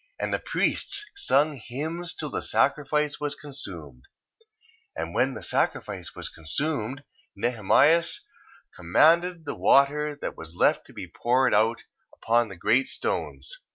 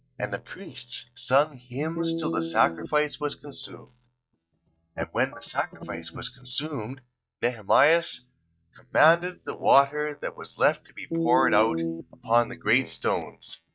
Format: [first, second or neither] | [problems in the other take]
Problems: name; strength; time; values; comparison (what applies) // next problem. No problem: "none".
first | noise reduction (neural mask model DeepFilterNet 3)